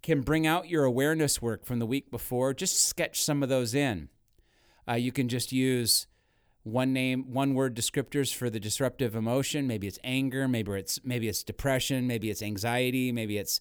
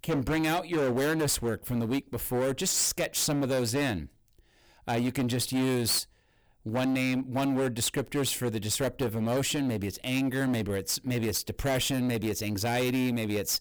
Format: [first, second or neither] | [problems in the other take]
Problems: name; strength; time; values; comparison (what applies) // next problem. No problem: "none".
first | distortion; heavy; 18% of the sound clipped